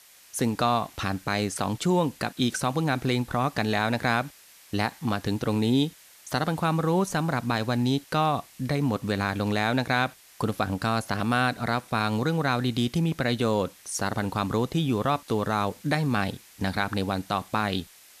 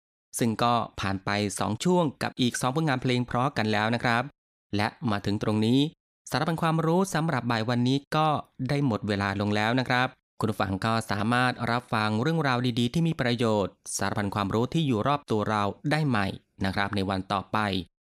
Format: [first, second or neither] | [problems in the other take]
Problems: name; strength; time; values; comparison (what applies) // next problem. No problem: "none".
second | hiss; faint; throughout; 25 dB below the speech